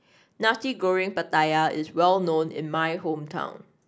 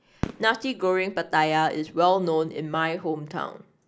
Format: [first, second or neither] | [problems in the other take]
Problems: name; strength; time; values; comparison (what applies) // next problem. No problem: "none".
first | background sound (Fireworks); 17 dB below the speech